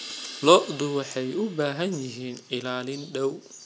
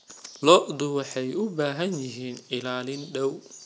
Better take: second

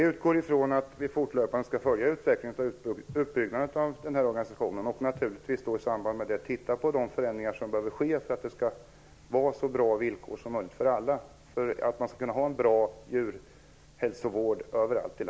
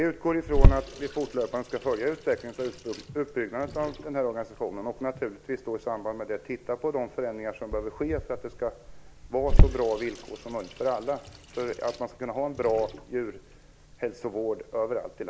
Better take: first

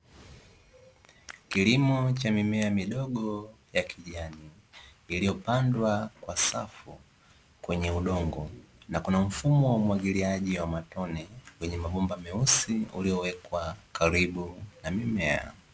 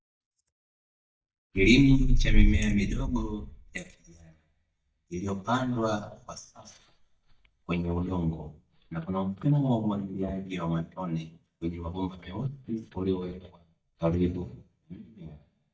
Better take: first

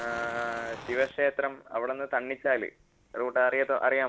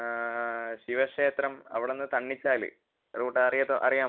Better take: second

